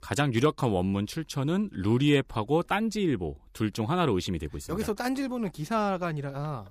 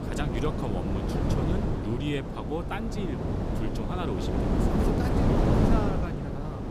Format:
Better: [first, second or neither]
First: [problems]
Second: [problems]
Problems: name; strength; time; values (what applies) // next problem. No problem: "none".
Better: first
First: none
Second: wind noise on the microphone; heavy; 4 dB above the speech